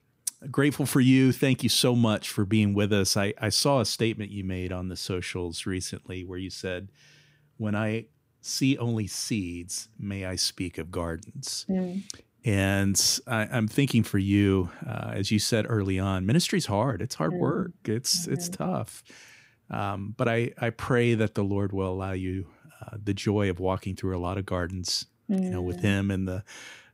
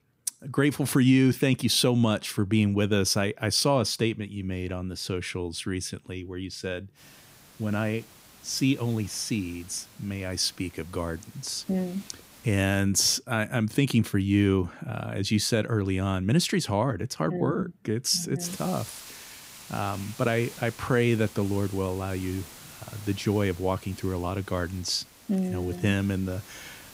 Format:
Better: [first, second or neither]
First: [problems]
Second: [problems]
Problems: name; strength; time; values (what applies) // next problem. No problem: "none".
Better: first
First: none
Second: hiss; noticeable; from 7 to 13 s and from 18 s on; 20 dB below the speech